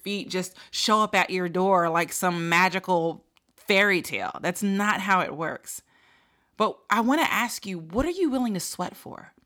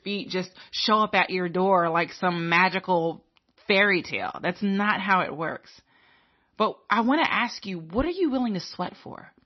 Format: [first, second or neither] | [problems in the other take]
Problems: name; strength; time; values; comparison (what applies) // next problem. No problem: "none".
first | garbled, watery; slightly; nothing above 5.5 kHz